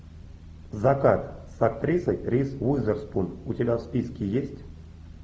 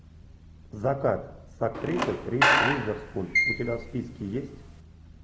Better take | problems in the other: first | background sound (Squeak / Screech); 4 dB above the speech

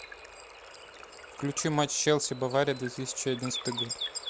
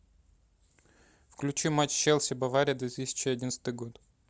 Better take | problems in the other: second | background sound (Water / Bird); 9 dB below the speech

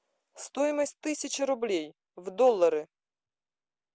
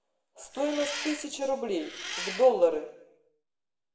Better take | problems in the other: first | background sound (Engine); 9 dB below the speech // room echo; dies away in 0.7 s

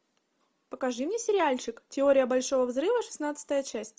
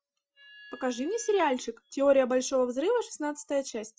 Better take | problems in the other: first | noise reduction (classical method Wiener filter)

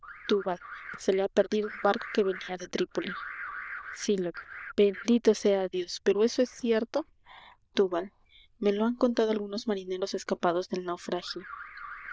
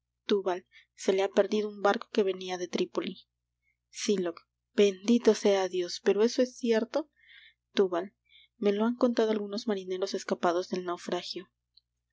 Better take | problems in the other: second | noise reduction (neural diffusion model UNIVERSE++)

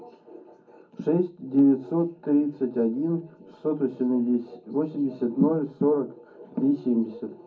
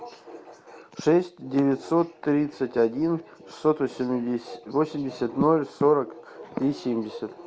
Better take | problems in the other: second | room echo; dies away in 0.4 s

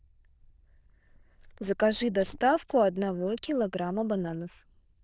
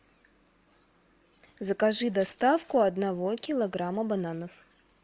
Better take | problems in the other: second | noise reduction (neural diffusion model UNIVERSE++)

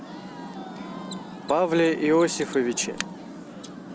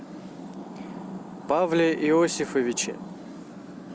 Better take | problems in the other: second | background sound (Crowd + Mechanisms); 17 dB below the speech

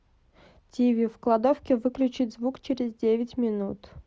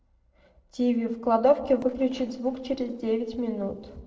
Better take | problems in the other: first | noise reduction (neural separator model SepFormer DNS4)

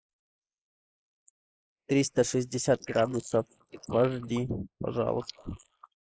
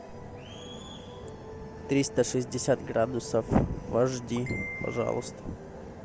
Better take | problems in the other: second | noise reduction (neural mask model Resemble Enhance denoiser)

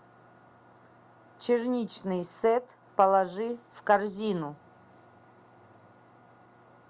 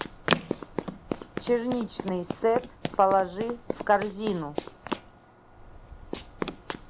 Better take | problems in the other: first | background sound (Run); 5 dB below the speech

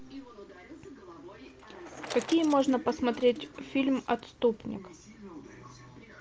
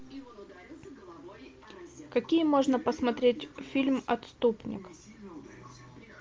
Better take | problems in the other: second | background sound (Bicycle); 19 dB below the speech

